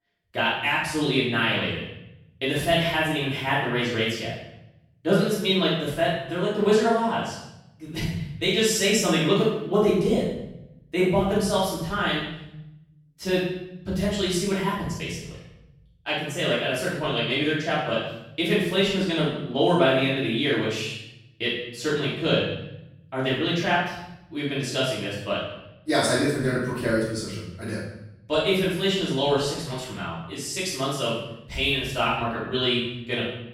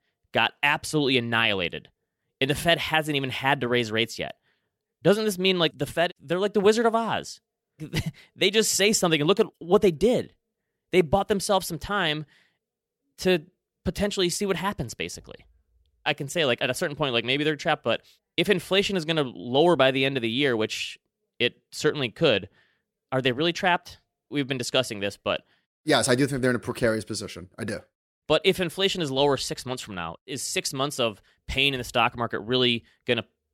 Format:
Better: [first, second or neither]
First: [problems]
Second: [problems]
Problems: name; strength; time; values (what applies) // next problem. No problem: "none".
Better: second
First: room echo; strong; dies away in 0.9 s // off-mic speech; far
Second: none